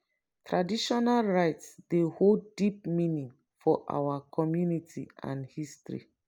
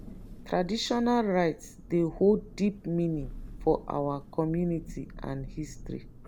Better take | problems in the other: first | background sound (Thunder); 14 dB below the speech

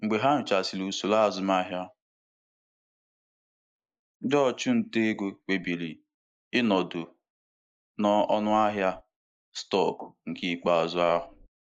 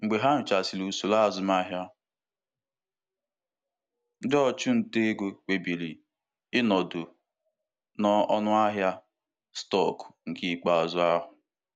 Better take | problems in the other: second | noise reduction (neural mask model Resemble Enhance denoiser)

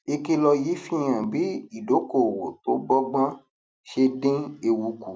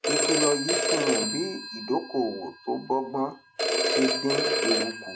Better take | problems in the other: first | background sound (Telephone); 2 dB above the speech

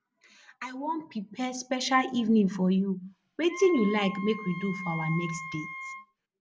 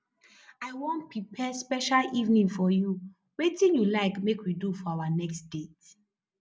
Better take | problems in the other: second | background sound (Wind instrument, woodwind instrument); 11 dB below the speech

